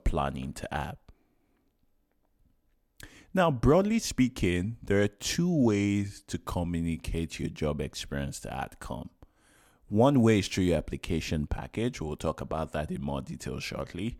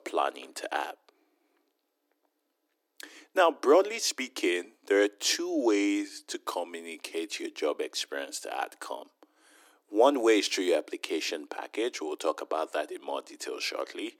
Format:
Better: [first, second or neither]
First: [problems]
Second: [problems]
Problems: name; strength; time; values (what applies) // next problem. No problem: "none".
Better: first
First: none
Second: thin; very; fading below 300 Hz